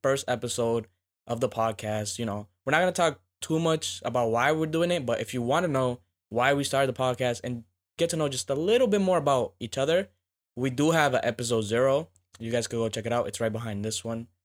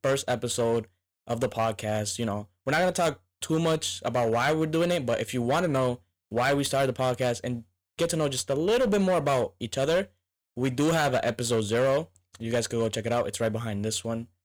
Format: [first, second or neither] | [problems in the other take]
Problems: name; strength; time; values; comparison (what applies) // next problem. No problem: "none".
first | distortion; slight; 9% of the sound clipped